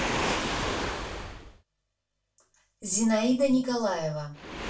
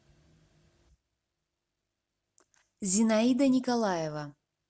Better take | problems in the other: second | background sound (Waves, surf); 5 dB below the speech // room echo; dies away in 0.2 s

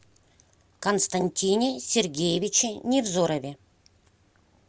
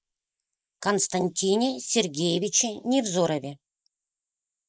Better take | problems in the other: first | noise reduction (neural mask model Resemble Enhance denoiser)

